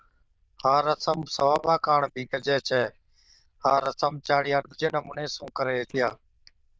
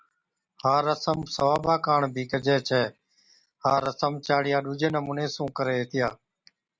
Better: second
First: noise reduction (neural diffusion model UNIVERSE++)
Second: none

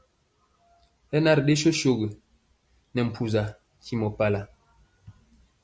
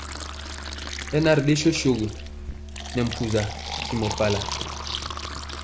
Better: first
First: none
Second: background sound (Musical instrument + Fill (with liquid)); 7 dB below the speech

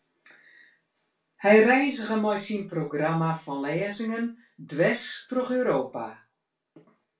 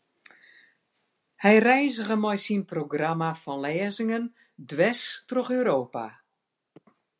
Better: second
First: room echo; dies away in 0.2 s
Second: none

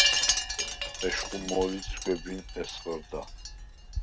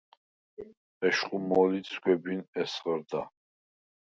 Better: second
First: background sound (Wind chime); 3 dB above the speech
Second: none

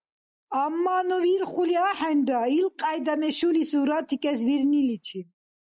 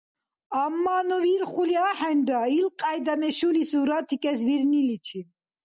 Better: second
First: noise reduction (neural mask model Resemble Enhance denoiser)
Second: none

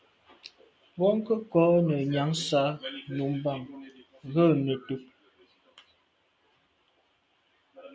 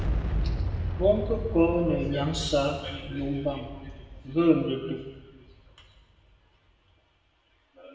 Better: first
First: none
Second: background sound (Boom); 5 dB below the speech // room echo; dies away in 1.2 s

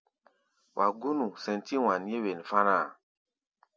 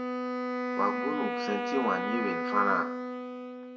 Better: first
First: none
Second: background sound (Wind instrument, woodwind instrument); as loud as the speech // room echo; dies away in 0.6 s

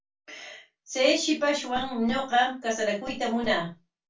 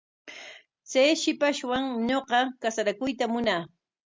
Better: second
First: room echo; dies away in 0.2 s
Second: none

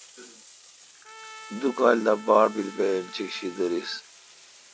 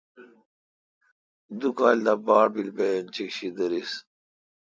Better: second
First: background sound (Trumpet + Bathtub (filling or washing)); 19 dB below the speech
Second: none

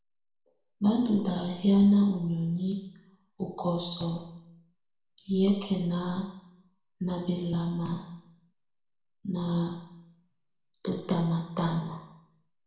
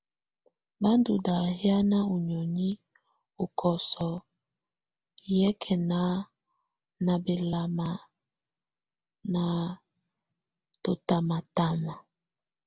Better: second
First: room echo; dies away in 0.7 s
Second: none

